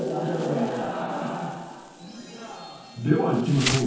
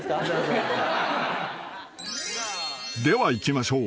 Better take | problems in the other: second | background sound (Insect); 11 dB below the speech // room echo; dies away in 0.9 s

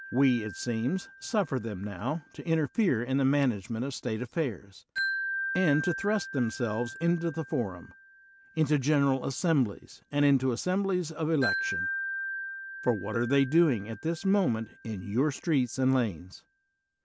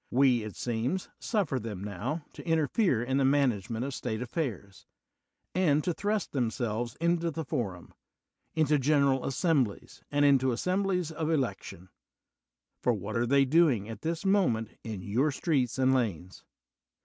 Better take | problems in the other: second | background sound (Wind chime); 11 dB below the speech

